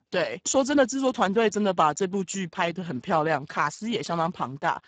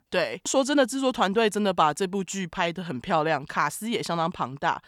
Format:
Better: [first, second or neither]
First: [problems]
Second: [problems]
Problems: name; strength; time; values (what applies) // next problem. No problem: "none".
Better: second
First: garbled, watery; badly; nothing above 7.5 kHz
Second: none